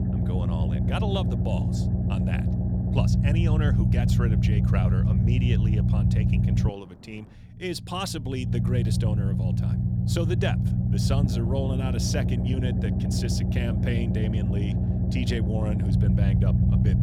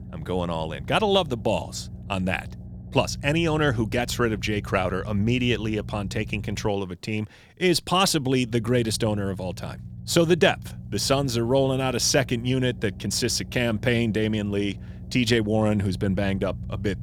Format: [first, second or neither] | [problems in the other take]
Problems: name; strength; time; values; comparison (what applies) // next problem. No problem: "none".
second | low rumble; loud; throughout; as loud as the speech; faint in the second